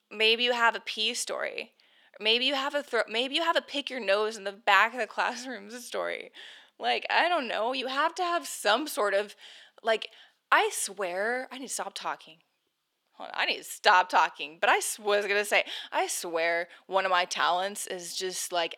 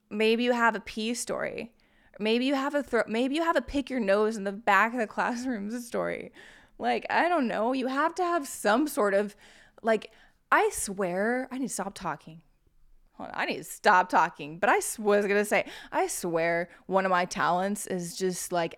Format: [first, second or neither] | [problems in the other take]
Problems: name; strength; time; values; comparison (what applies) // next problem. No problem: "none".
second | thin; somewhat; fading below 450 Hz